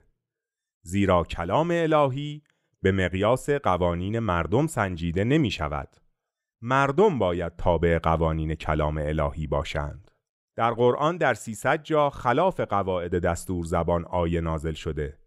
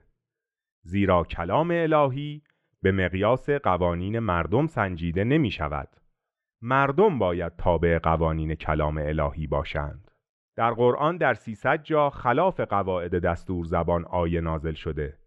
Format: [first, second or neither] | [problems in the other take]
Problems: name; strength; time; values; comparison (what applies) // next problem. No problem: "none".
first | muffled; slightly; fading above 2.5 kHz